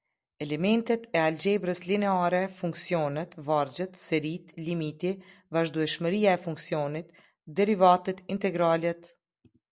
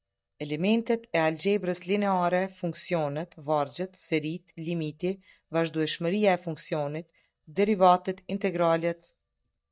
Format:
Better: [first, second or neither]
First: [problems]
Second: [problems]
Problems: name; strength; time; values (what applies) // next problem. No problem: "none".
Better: first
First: none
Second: noise reduction (neural mask model DeepFilterNet 3)